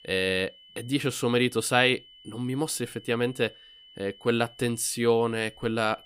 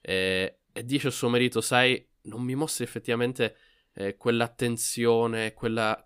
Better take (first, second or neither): second